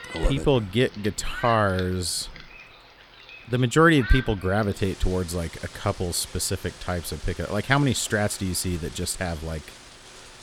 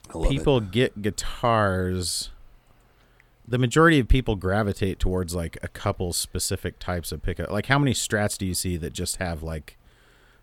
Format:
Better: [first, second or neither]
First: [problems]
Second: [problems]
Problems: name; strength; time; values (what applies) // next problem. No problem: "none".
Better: second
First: rain or running water; noticeable; throughout; 15 dB below the speech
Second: none